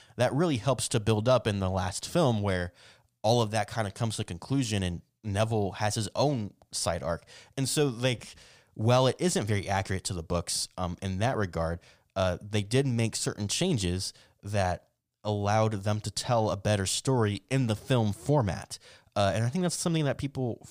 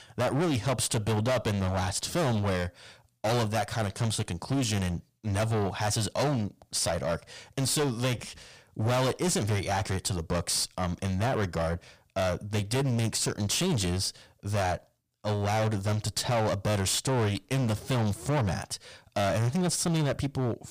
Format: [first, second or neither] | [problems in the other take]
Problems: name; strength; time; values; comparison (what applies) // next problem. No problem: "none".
first | distortion; heavy; 20% of the sound clipped